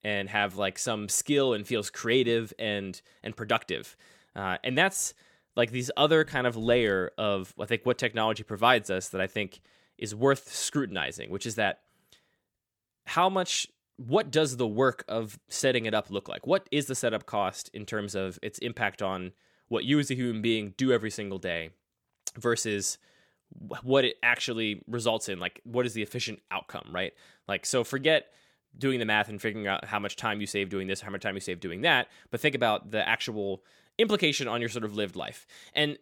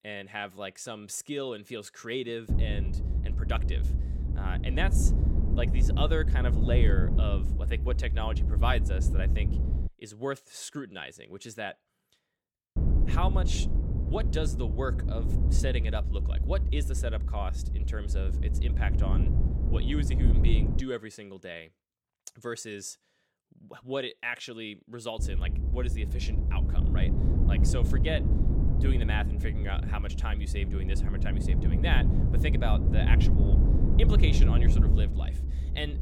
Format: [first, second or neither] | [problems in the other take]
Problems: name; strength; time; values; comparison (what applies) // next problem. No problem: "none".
first | low rumble; loud; from 2.5 to 10 s, from 13 to 21 s and from 25 s on; 5 dB below the speech